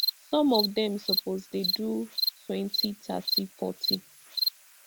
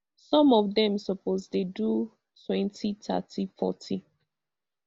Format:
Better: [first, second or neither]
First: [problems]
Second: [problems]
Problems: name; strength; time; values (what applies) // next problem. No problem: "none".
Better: second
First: background sound (Cricket); 1 dB below the speech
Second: none